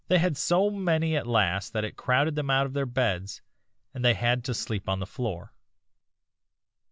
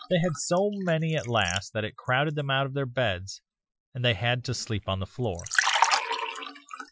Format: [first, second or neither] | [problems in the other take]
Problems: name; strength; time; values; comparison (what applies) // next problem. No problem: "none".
first | noise reduction (classical method Wiener filter)